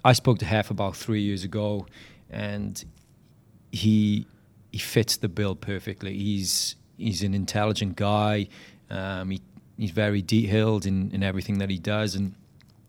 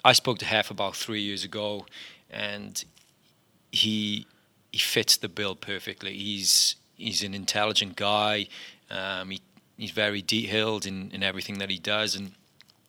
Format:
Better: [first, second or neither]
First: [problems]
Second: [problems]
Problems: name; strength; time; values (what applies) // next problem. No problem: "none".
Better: first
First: none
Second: thin; somewhat; fading below 750 Hz